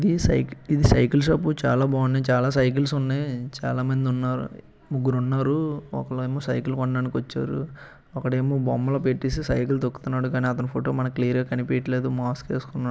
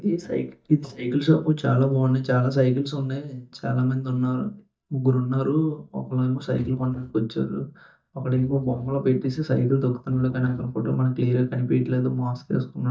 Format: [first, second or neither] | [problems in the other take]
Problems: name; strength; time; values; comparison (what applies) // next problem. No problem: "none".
first | noise reduction (neural mask model DeepFilterNet 3)